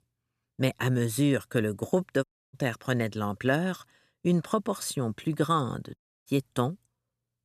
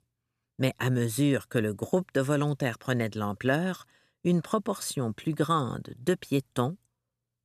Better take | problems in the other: second | audio cutting out; at 2 s and at 6 s

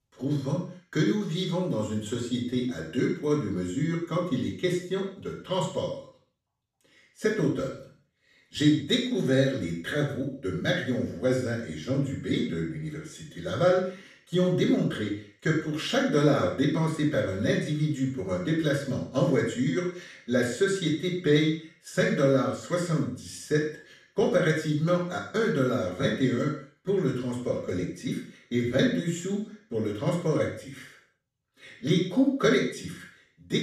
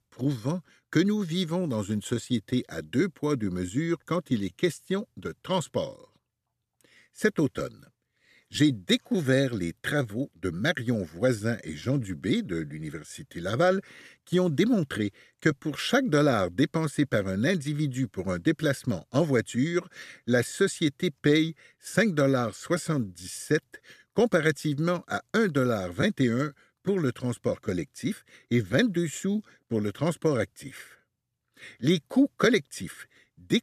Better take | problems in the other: second | room echo; noticeable; dies away in 0.5 s // off-mic speech; far

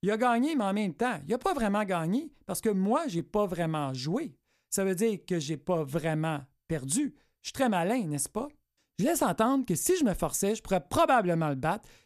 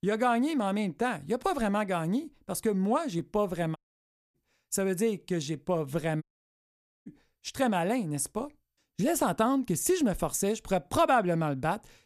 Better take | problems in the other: first | audio cutting out; at 4 s for 0.5 s and at 6 s for 1 s

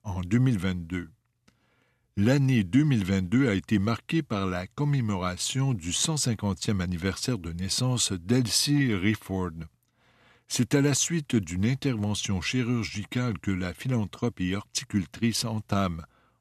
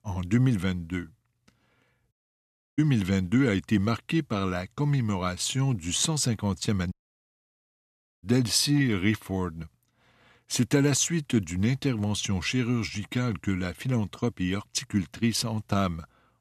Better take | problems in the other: first | audio cutting out; at 2 s for 0.5 s and at 7 s for 1.5 s

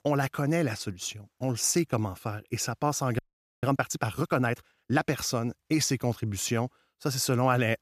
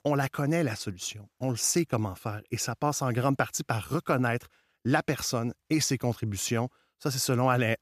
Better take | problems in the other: second | audio freezing; at 3 s

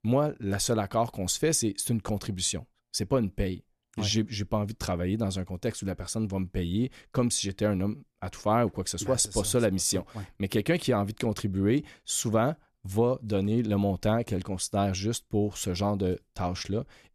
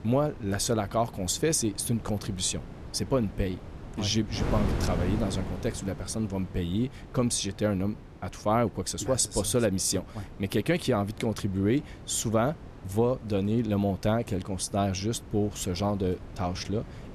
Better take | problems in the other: first | wind noise on the microphone; occasional gusts; 15 dB below the speech

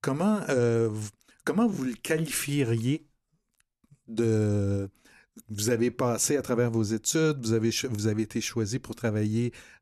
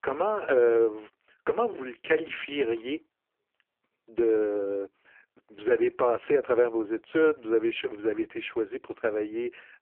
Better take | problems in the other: first | phone-call audio; poor line; nothing above 3 kHz

